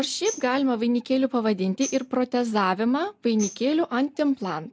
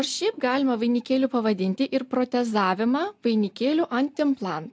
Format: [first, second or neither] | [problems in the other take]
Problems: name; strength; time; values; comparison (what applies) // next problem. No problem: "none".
second | noise reduction (neural mask model Resemble Enhance denoiser)